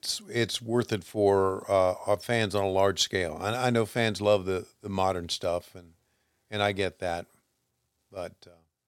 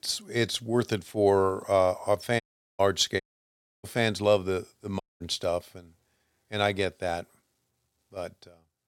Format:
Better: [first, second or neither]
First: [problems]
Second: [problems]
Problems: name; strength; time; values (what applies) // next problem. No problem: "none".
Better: first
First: none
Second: audio cutting out; at 2.5 s, at 3 s for 0.5 s and at 5 s